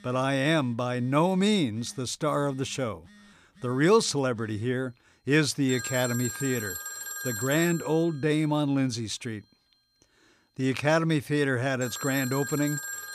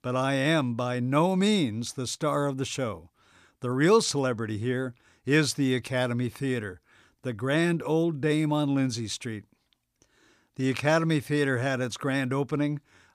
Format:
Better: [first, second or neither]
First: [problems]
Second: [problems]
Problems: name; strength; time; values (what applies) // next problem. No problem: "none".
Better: second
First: alarms or sirens; loud; throughout; 7 dB below the speech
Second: none